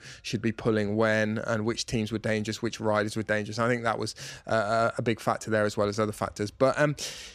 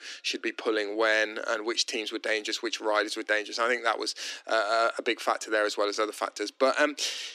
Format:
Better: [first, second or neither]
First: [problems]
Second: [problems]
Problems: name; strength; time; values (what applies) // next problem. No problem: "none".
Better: first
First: none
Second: thin; somewhat; fading below 250 Hz